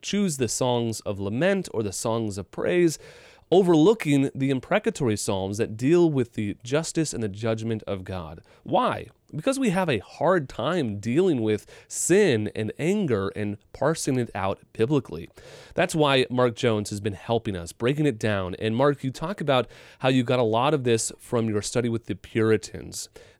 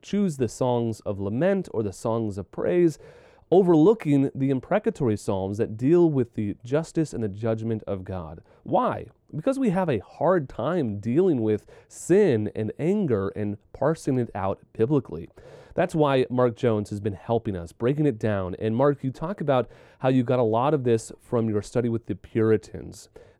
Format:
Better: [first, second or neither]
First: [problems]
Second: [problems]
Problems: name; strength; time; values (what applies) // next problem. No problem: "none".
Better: first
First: none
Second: muffled; slightly; fading above 1.5 kHz